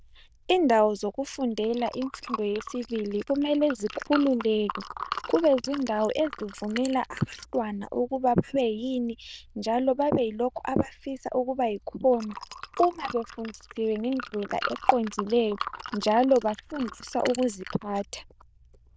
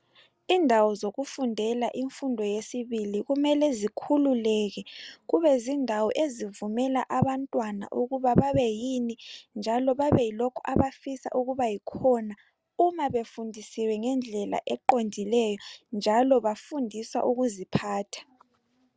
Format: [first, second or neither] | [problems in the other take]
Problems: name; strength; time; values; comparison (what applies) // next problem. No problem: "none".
second | noise reduction (neural diffusion model UNIVERSE++)